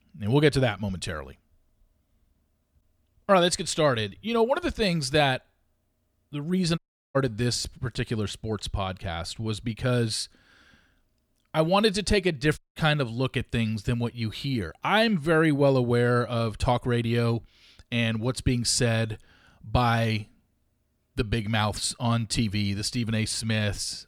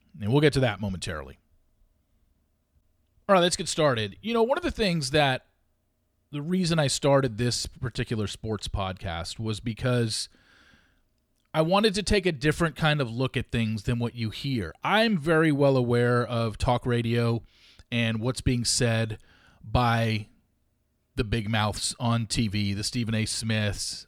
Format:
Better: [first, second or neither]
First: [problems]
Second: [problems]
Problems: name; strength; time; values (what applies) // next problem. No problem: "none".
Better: second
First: audio cutting out; at 7 s and at 13 s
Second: none